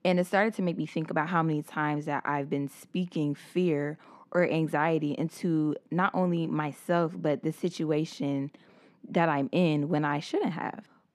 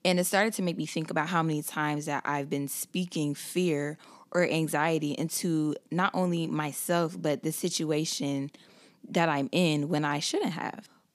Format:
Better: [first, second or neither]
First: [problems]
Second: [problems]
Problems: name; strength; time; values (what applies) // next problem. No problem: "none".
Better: second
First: muffled; slightly; fading above 3.5 kHz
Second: none